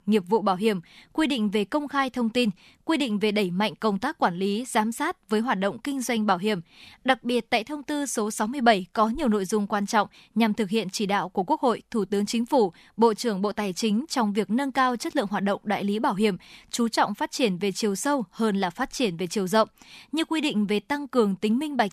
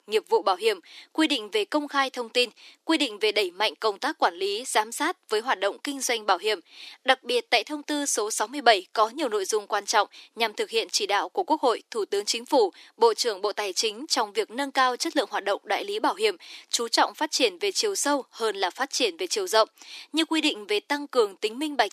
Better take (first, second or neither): first